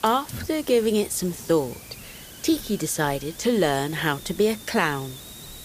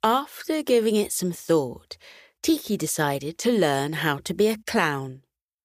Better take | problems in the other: second | hiss; noticeable; throughout; 15 dB below the speech

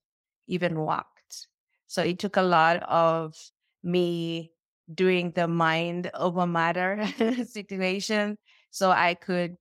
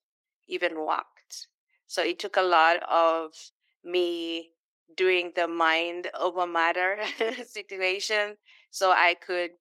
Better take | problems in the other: first | thin; very; fading below 350 Hz

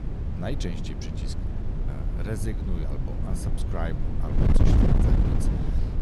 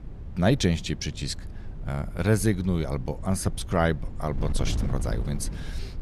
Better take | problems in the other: second | wind noise on the microphone; heavy; 3 dB above the speech; occasional gusts in the second

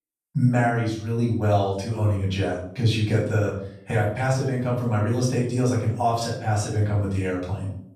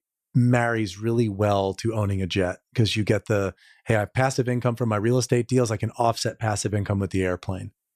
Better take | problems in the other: second | off-mic speech; far // room echo; noticeable; dies away in 0.5 s

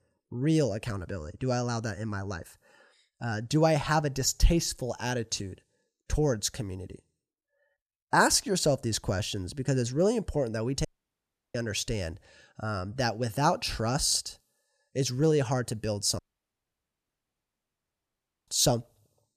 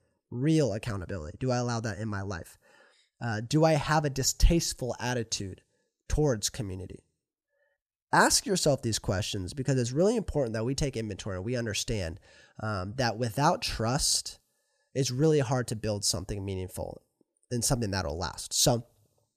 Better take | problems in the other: second | audio cutting out; at 11 s for 0.5 s and at 16 s for 2.5 s

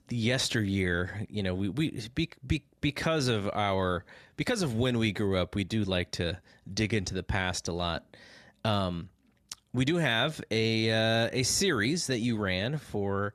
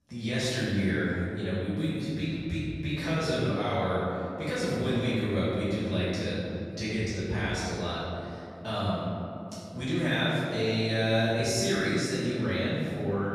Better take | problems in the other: first | off-mic speech; far // room echo; strong; dies away in 2.5 s

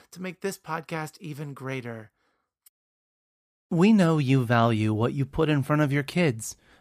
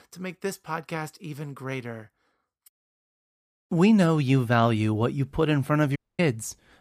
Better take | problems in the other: first | audio cutting out; at 6 s

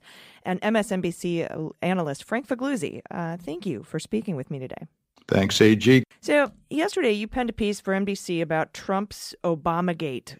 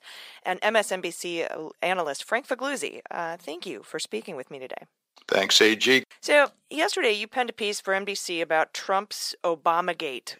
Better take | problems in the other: first | thin; somewhat; fading below 550 Hz

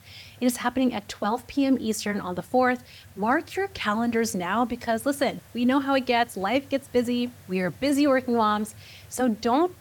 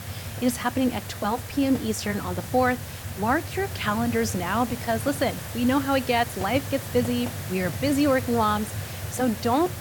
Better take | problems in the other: first | hiss; loud; throughout; 8 dB below the speech; faint in the first

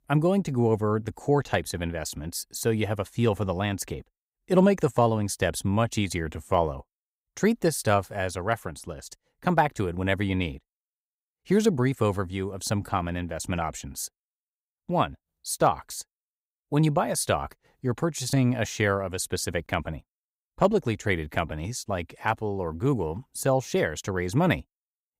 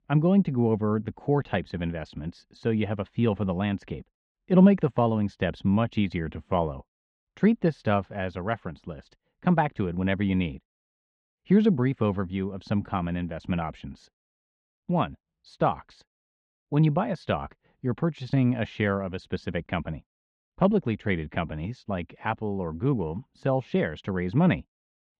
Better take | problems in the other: first | muffled; very; fading above 3 kHz

